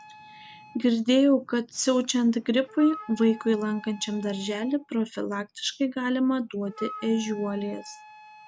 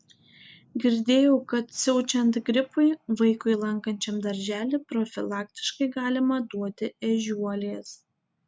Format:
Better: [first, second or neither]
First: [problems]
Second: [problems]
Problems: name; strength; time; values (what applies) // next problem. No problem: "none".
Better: second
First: background sound (Wind instrument, woodwind instrument); 20 dB below the speech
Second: none